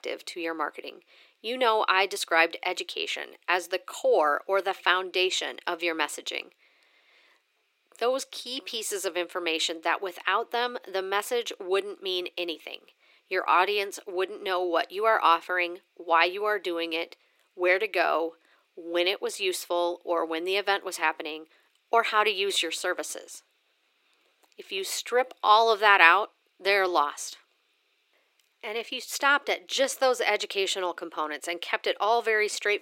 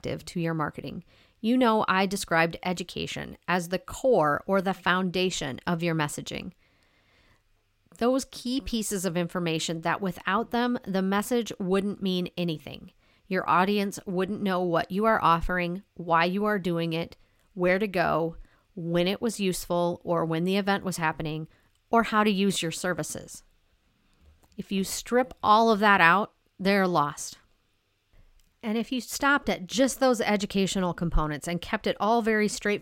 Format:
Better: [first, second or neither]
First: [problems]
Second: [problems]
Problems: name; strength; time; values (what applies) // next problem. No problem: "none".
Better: second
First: thin; very; fading below 350 Hz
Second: none